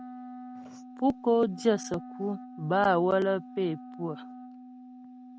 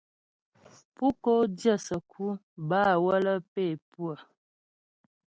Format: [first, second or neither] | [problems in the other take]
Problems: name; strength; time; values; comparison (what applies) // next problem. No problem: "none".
second | background sound (Wind instrument, woodwind instrument); 15 dB below the speech